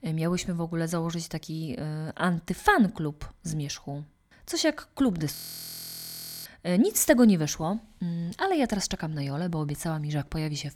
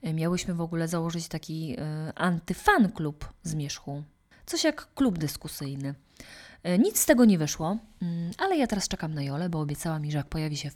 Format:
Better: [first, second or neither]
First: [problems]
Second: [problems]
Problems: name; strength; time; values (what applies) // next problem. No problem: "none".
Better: second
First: audio freezing; at 5.5 s for 1 s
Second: none